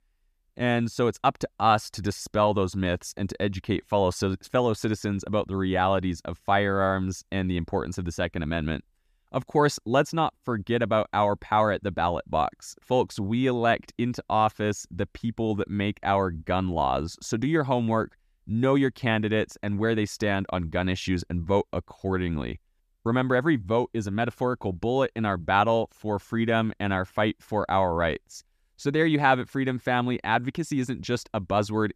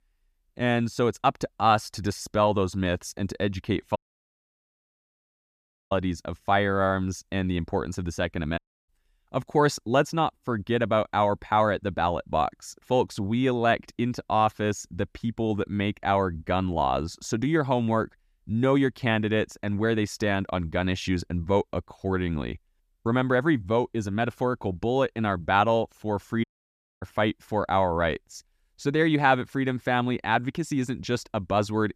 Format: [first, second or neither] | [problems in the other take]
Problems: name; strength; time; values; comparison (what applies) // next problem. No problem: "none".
first | audio cutting out; at 4 s for 2 s, at 8.5 s and at 26 s for 0.5 s